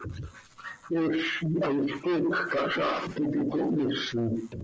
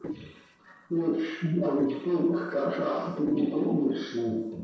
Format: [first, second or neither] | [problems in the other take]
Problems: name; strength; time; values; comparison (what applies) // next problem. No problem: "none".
first | noise reduction (neural separator model SepFormer DNS4)